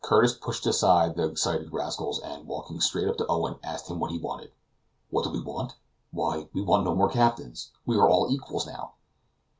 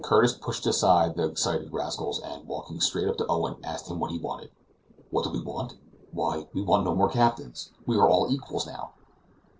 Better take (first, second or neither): first